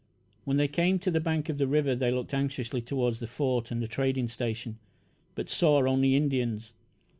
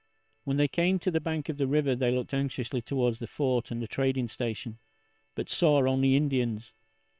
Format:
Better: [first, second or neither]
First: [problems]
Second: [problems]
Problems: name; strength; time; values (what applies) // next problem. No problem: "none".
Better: first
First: none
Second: noise reduction (neural separator model SepFormer WHAM!)